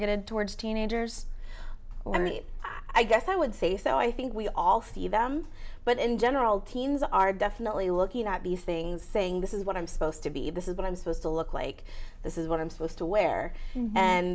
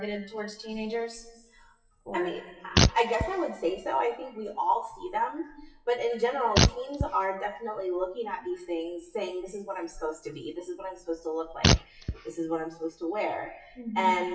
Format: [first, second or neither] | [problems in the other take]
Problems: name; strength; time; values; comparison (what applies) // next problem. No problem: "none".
first | noise reduction (classical method WPE with log-MMSE)